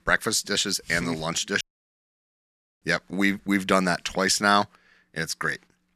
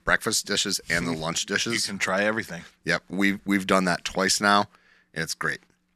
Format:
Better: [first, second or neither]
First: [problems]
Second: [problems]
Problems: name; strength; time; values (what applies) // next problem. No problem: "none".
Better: second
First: audio cutting out; at 1.5 s for 1 s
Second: none